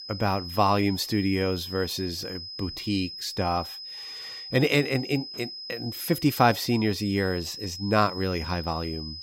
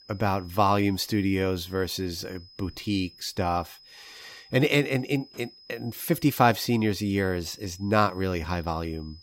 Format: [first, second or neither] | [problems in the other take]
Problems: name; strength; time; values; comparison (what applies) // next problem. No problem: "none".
second | high-pitched whine; loud; throughout; 5 kHz, 10 dB below the speech; faint in the second